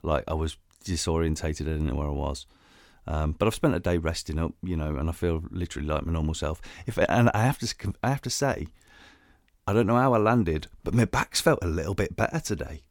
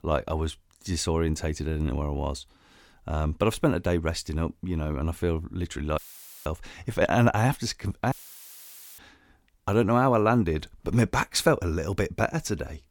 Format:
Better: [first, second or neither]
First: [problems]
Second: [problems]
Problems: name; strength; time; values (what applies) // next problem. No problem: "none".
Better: first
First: none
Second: audio cutting out; filled with static; at 6 s and at 8 s for 1 s